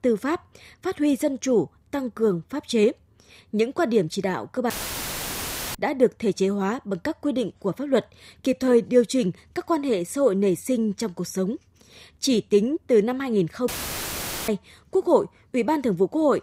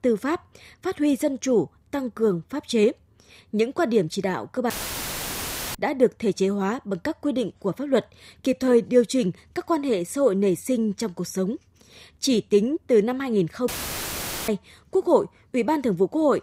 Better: neither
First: audio cutting out; filled with static; at 4.5 s for 1 s and at 14 s for 1 s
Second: audio cutting out; filled with static; at 4.5 s for 1 s and at 14 s for 1 s

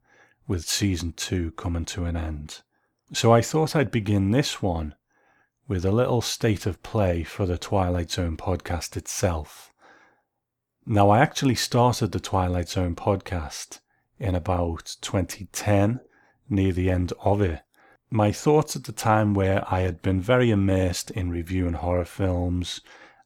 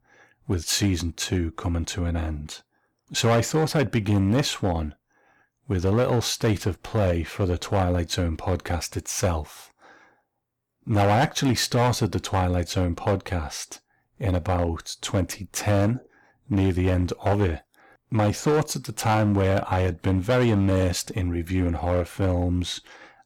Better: first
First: none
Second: distortion; slight; 5% of the sound clipped

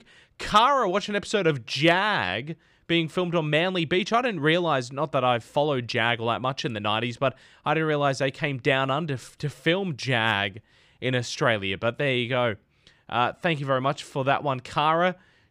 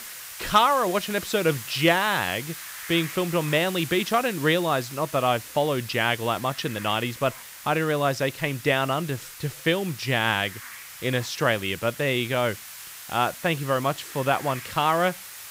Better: first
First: none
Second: hiss; noticeable; throughout; 15 dB below the speech

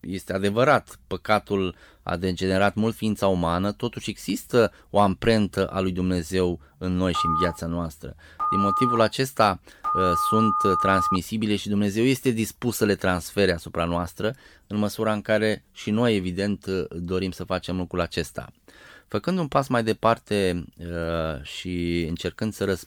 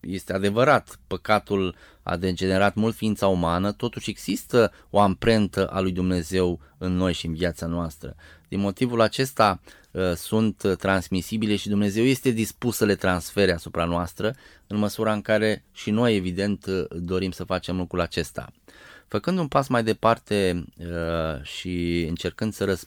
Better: second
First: phone ringing; loud; from 7 to 11 s; peak 2 dB above the speech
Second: none

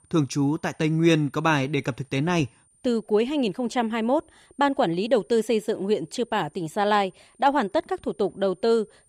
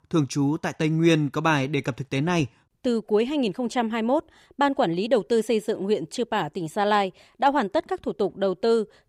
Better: second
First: high-pitched whine; faint; throughout; 9 kHz, 35 dB below the speech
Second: none

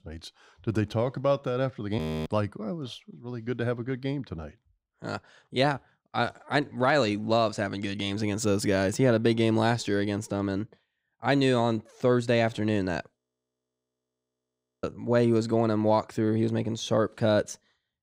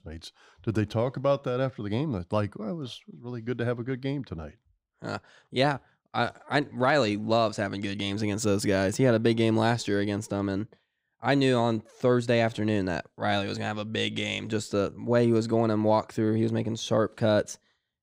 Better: second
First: audio freezing; at 2 s and at 13 s for 1.5 s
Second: none

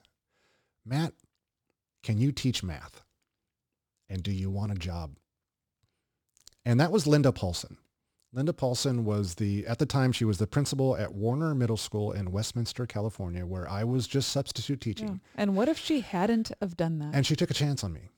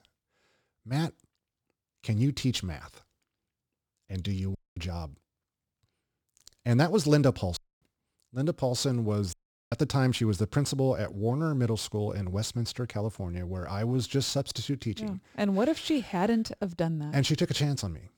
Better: first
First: none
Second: audio cutting out; at 4.5 s, at 7.5 s and at 9.5 s

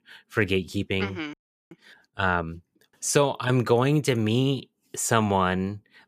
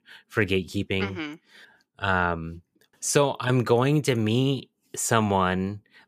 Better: second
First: audio freezing; at 1.5 s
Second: none

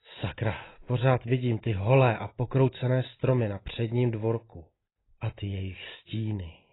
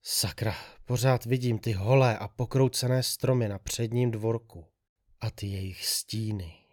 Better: second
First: garbled, watery; badly; nothing above 4 kHz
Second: none

